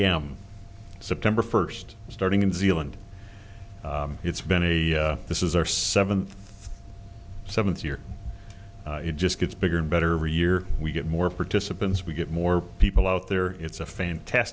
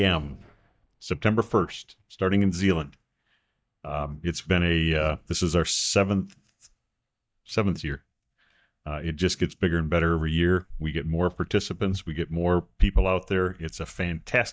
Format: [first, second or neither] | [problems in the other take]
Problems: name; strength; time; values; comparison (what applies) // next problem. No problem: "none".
first | noise reduction (neural mask model DeepFilterNet 3)